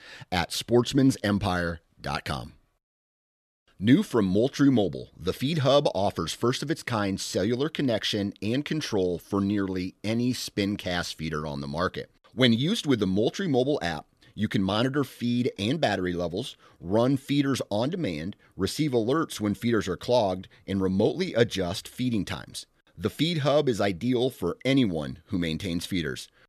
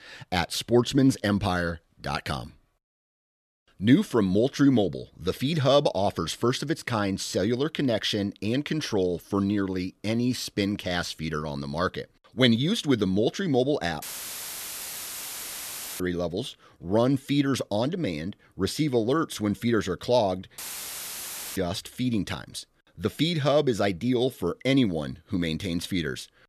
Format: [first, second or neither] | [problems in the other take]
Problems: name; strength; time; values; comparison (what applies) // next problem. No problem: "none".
first | audio cutting out; filled with static; at 14 s for 2 s and at 21 s for 1 s